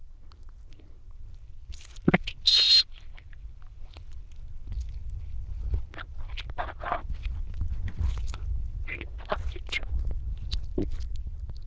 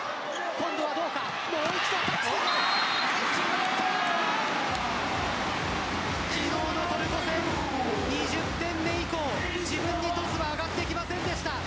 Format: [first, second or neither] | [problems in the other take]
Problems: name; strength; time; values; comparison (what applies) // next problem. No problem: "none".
second | noise reduction (neural diffusion model UNIVERSE++)